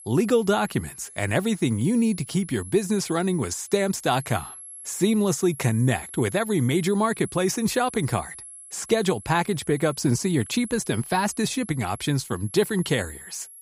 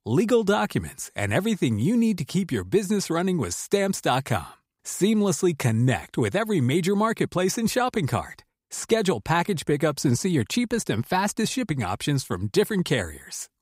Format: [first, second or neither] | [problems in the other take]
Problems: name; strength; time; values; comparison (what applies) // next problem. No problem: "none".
second | high-pitched whine; noticeable; throughout; 11 kHz, 15 dB below the speech